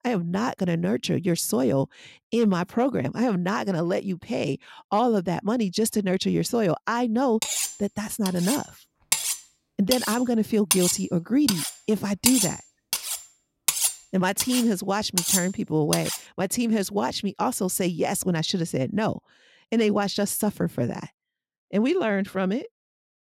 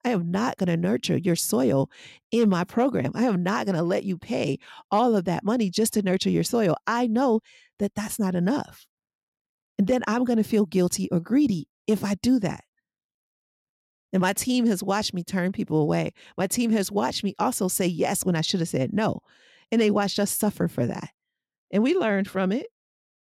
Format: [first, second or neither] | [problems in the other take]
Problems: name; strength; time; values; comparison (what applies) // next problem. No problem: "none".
second | clattering dishes; loud; from 7.5 to 16 s; peak 4 dB above the speech